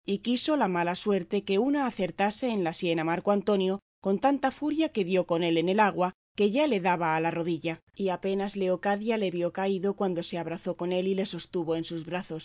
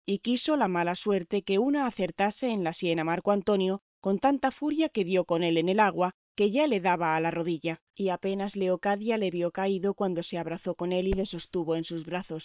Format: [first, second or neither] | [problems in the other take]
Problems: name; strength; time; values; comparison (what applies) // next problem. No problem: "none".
first | noise reduction (neural separator model SepFormer WHAM!)